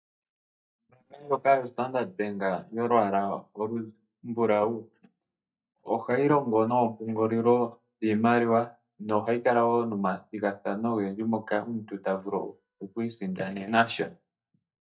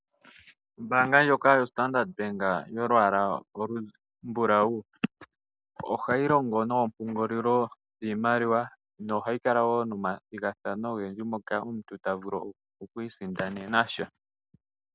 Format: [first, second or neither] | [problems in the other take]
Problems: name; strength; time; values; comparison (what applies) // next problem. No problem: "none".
second | noise reduction (neural mask model DeepFilterNet 3)